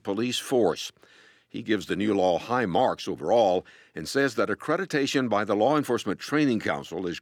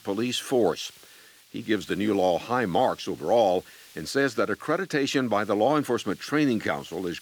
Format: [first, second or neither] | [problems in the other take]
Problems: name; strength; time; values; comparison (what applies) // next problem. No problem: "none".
first | hiss; faint; throughout; 25 dB below the speech